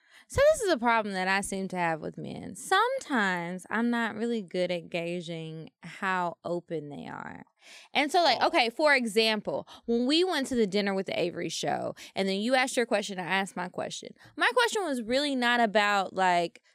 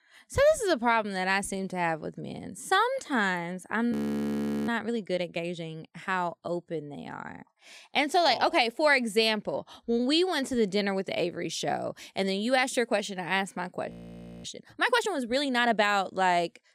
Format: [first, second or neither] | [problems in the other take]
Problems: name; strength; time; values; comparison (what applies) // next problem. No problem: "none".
first | audio freezing; at 4 s for 1 s and at 14 s for 0.5 s